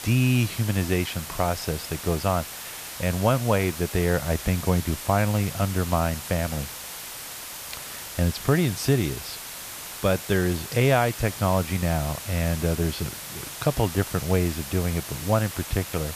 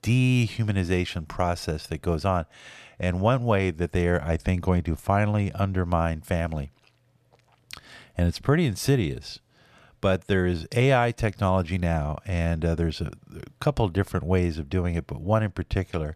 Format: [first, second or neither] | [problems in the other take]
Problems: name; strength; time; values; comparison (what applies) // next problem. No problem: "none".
second | hiss; loud; throughout; 9 dB below the speech